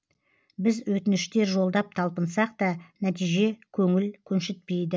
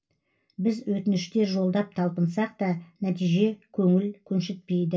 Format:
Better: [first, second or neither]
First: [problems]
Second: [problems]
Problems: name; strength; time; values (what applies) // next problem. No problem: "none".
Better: first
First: none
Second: room echo; dies away in 0.2 s